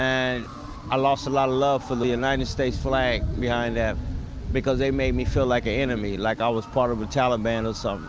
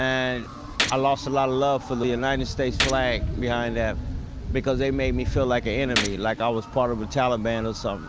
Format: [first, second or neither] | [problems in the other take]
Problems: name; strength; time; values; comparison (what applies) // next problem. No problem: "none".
first | background sound (Gunshot, gunfire); 10 dB below the speech